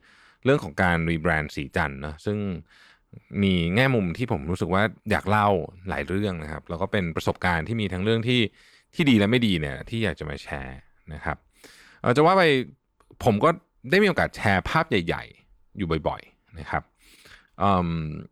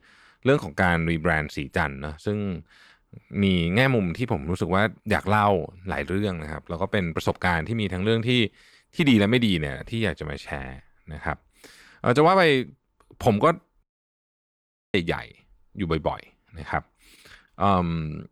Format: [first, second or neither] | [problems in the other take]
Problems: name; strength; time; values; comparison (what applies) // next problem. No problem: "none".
first | audio cutting out; at 14 s for 1 s